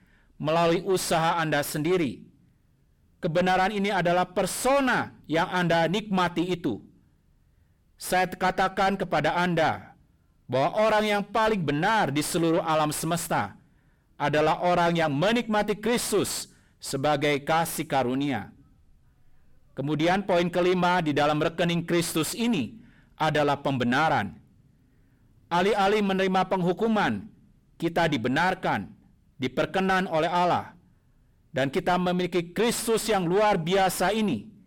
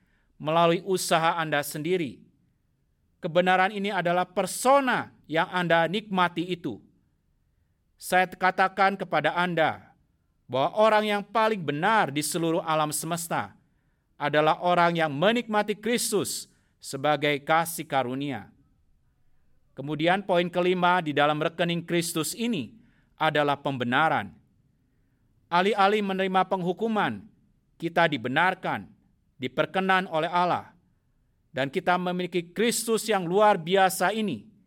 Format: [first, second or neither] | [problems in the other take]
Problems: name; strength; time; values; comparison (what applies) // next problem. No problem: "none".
second | distortion; heavy; 6 dB below the speech